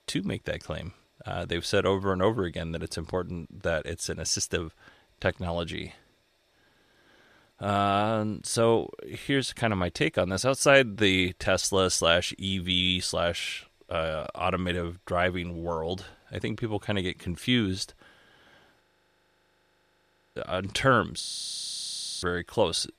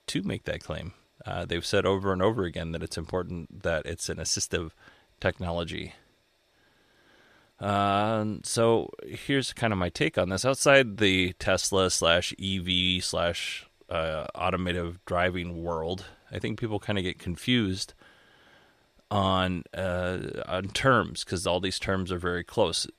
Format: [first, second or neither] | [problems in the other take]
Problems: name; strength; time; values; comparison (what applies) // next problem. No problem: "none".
second | audio freezing; at 19 s for 1.5 s and at 21 s for 1 s